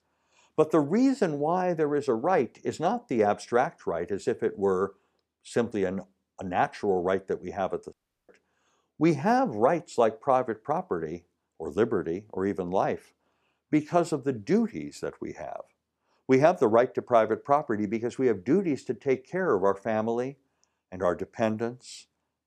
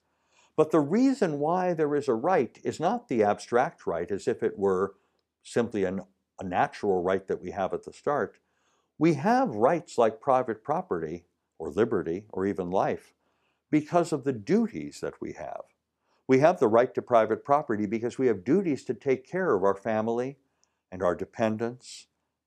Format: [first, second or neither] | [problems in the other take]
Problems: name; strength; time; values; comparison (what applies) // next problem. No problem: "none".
second | audio cutting out; at 8 s